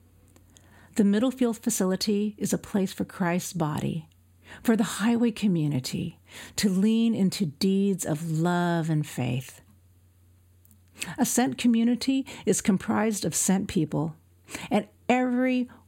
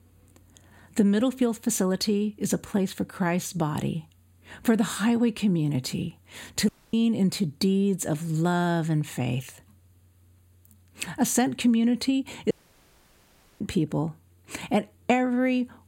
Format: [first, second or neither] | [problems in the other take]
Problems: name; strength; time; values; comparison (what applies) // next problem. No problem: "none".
first | audio cutting out; at 6.5 s and at 13 s for 1 s